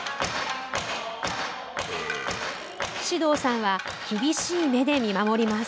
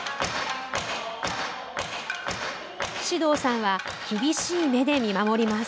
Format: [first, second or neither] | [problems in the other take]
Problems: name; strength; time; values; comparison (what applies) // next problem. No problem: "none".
second | background sound (Burping, eructation); 13 dB below the speech